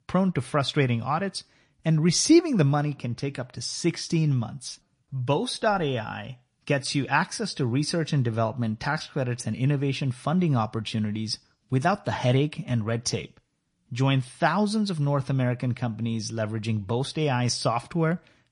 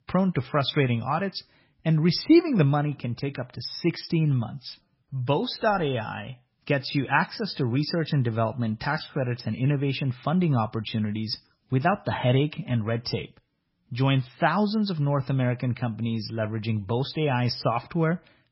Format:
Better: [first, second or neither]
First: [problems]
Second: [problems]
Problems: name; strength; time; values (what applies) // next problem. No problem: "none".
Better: first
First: garbled, watery; slightly; nothing above 10.5 kHz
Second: garbled, watery; badly; nothing above 5.5 kHz